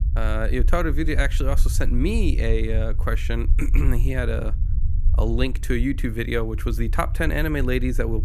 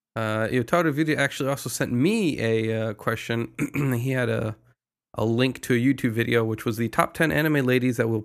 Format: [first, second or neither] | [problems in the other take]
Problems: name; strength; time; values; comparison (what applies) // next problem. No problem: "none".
second | low rumble; noticeable; throughout; 20 dB below the speech